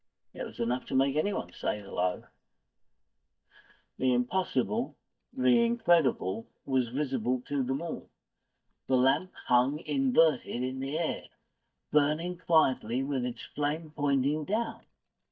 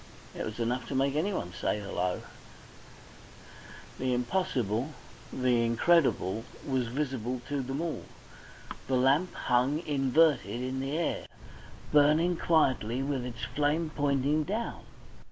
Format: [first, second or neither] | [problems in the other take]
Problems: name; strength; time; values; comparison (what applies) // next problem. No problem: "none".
second | noise reduction (neural mask model DeepFilterNet 3)